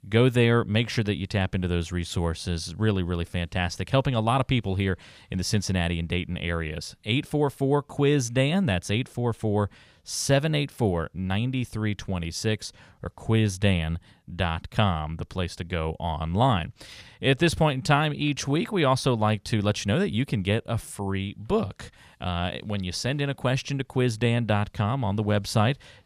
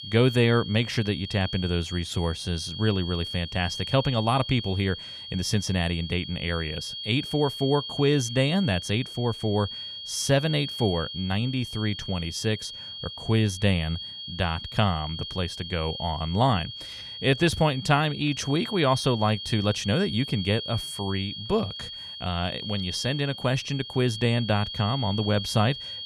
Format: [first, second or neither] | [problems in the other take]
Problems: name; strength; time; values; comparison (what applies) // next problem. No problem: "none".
first | high-pitched whine; loud; throughout; 3.5 kHz, 8 dB below the speech